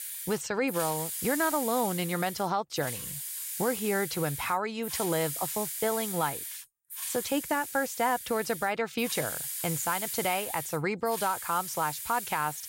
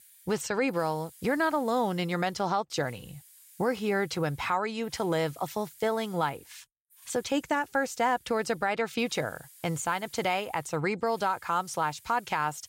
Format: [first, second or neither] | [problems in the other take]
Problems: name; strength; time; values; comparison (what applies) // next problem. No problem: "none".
second | hiss; loud; throughout; 4 dB below the speech; faint in the second